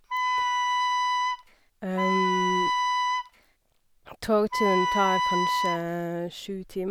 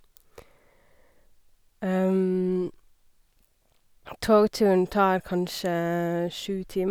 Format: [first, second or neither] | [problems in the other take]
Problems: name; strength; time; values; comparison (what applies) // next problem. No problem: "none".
second | background sound (Wind instrument, woodwind instrument); 4 dB above the speech